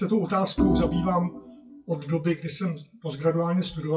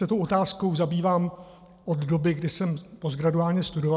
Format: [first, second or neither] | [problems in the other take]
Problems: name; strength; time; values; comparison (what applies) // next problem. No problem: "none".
second | noise reduction (classical method WPE with log-MMSE)